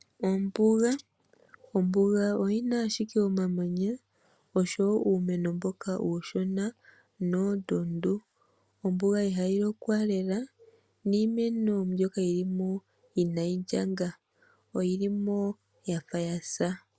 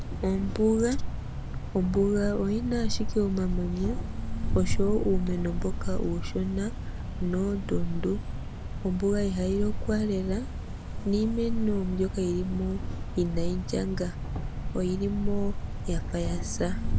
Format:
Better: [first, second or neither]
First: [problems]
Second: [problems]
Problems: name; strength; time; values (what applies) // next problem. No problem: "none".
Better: first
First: none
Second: background sound (Cricket); 1 dB below the speech